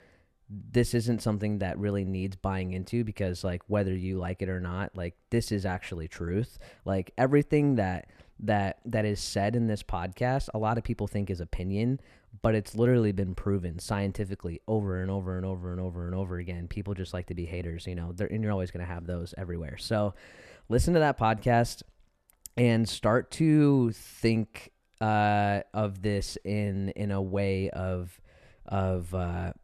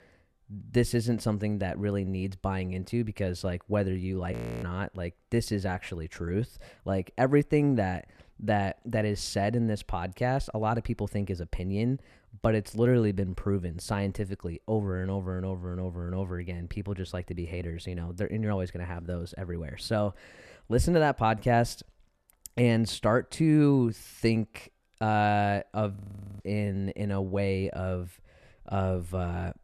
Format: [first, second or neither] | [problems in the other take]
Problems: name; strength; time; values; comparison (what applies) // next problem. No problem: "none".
first | audio freezing; at 4.5 s and at 26 s